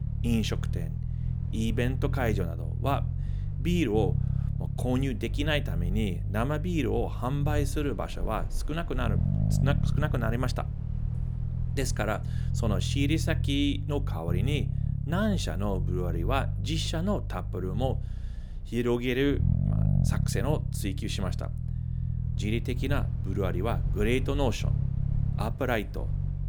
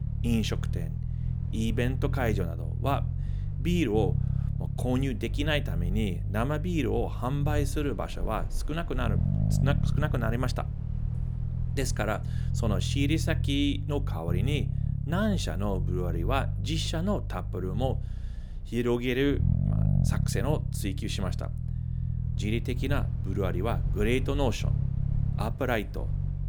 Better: neither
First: low rumble; noticeable; throughout; 10 dB below the speech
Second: low rumble; noticeable; throughout; 10 dB below the speech

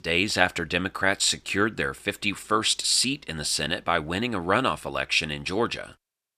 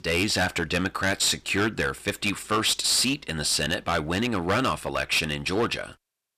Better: first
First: none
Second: distortion; heavy; 8% of the sound clipped

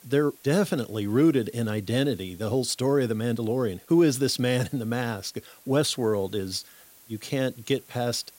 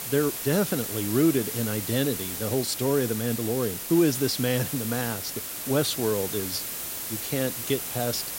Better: first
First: hiss; faint; throughout; 25 dB below the speech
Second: hiss; loud; throughout; 4 dB below the speech

